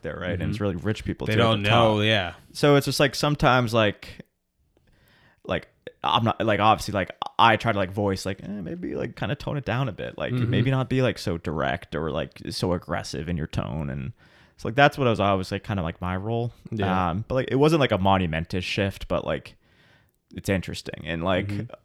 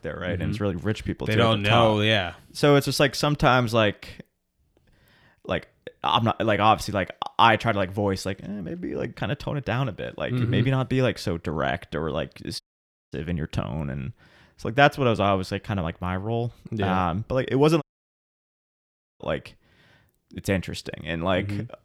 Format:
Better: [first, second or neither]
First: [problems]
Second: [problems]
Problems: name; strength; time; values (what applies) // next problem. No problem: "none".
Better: first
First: none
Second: audio cutting out; at 13 s for 0.5 s and at 18 s for 1.5 s